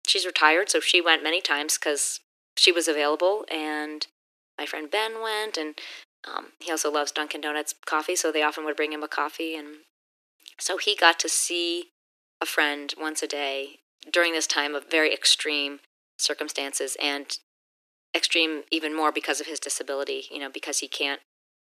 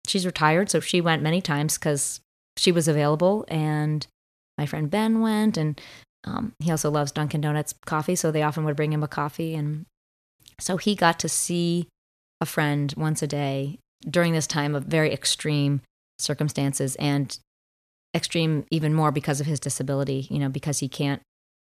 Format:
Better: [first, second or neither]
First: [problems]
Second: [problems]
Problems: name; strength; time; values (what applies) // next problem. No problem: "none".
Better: second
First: thin; very; fading below 300 Hz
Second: none